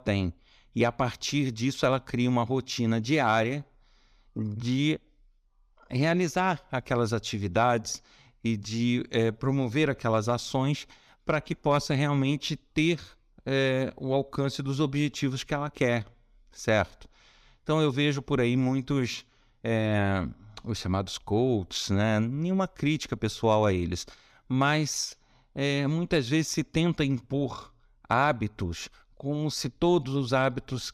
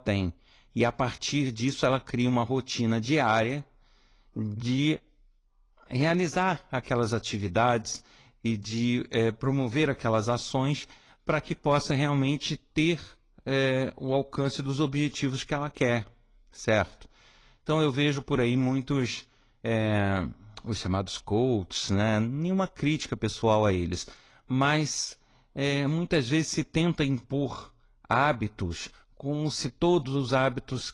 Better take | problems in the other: first | garbled, watery; slightly; nothing above 10.5 kHz

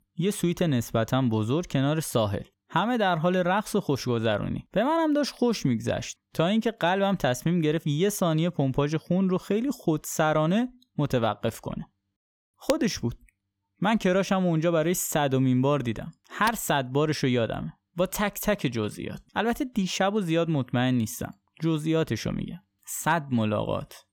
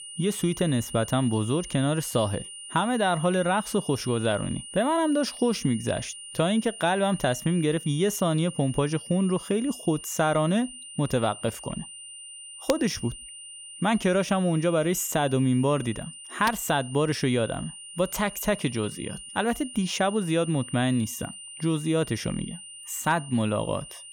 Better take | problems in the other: first | high-pitched whine; noticeable; throughout; 9 kHz, 15 dB below the speech

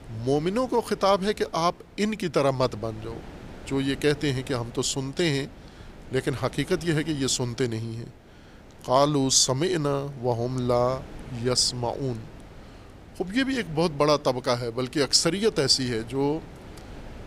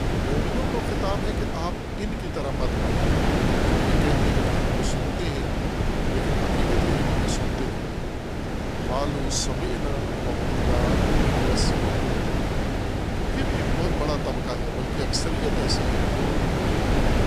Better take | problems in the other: first | wind noise on the microphone; heavy; 5 dB above the speech; occasional gusts in the first

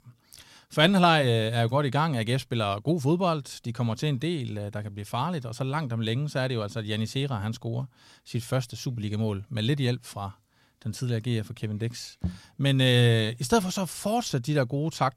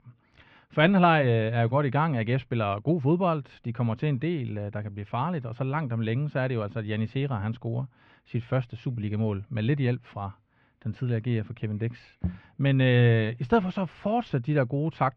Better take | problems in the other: first | muffled; very; fading above 2.5 kHz

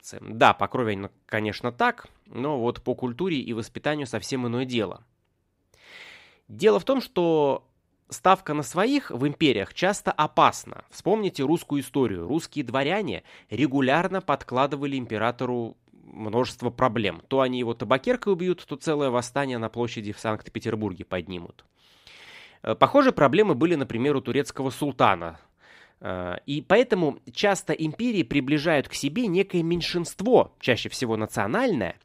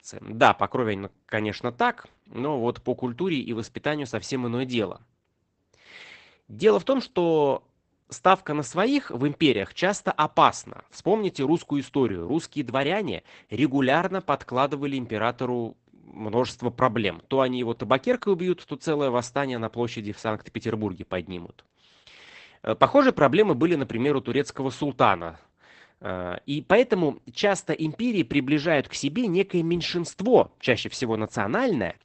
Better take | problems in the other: first | garbled, watery; badly; nothing above 8 kHz

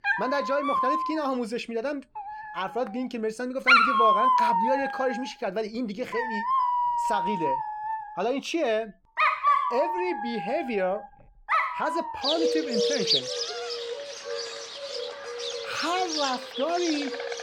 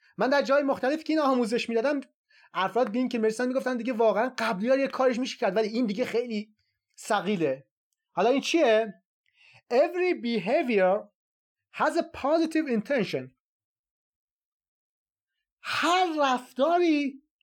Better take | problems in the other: second | animal sounds; very loud; throughout; 4 dB above the speech

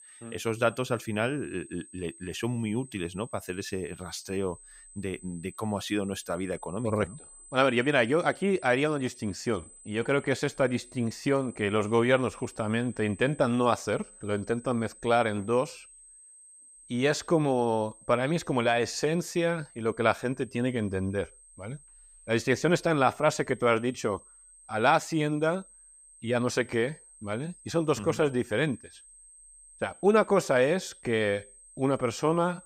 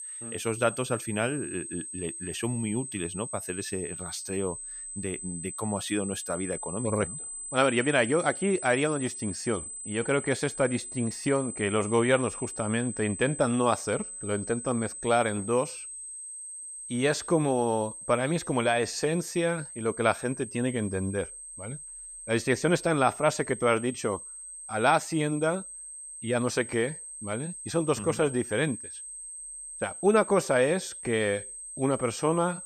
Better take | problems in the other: first | high-pitched whine; loud; throughout; 8.5 kHz, 9 dB below the speech; faint in the first

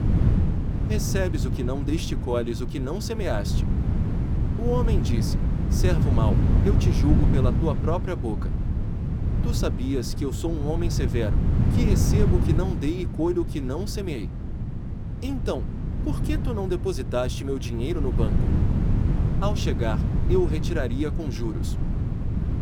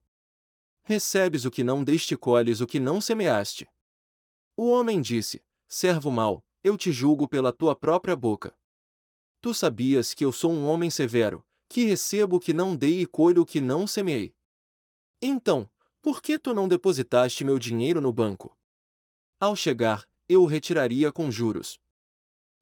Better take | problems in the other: second | wind noise on the microphone; heavy; 5 dB below the speech

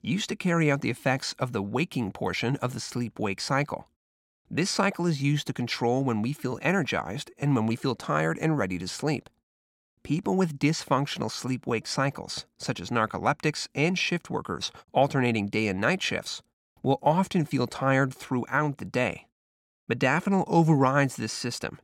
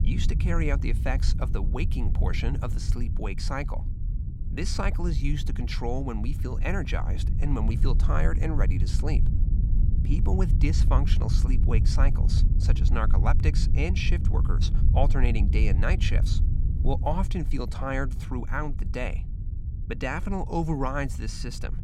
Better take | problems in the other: first | low rumble; loud; throughout; 10 dB below the speech

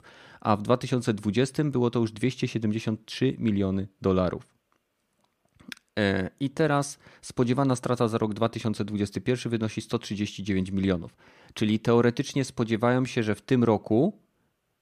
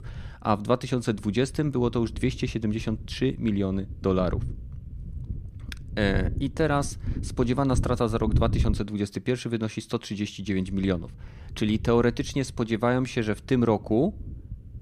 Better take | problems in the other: first | low rumble; noticeable; throughout; 20 dB below the speech

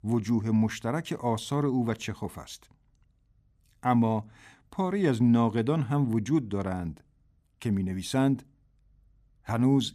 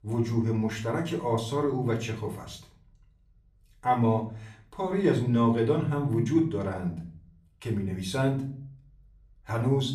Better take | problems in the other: first | room echo; slight; dies away in 0.4 s // off-mic speech; far

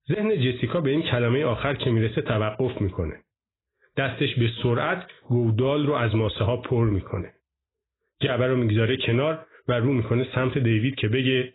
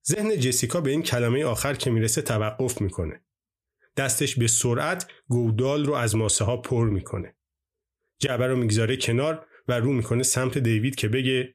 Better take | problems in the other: second | garbled, watery; badly; nothing above 4 kHz

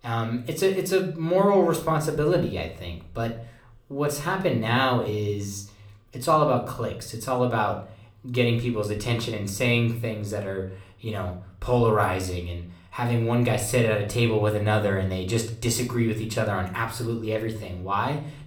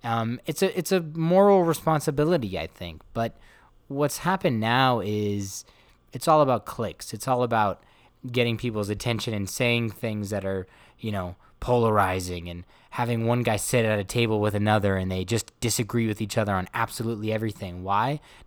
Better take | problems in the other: second | room echo; very slight; dies away in 0.4 s // off-mic speech; somewhat distant

